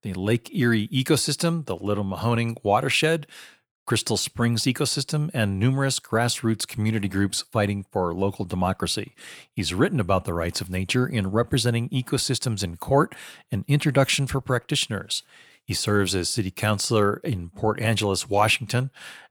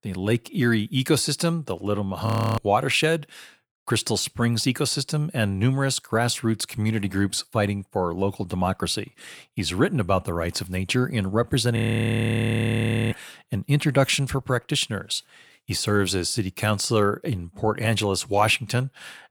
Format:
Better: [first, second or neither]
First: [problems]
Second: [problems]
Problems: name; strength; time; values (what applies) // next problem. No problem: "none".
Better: first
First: none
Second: audio freezing; at 2.5 s and at 12 s for 1.5 s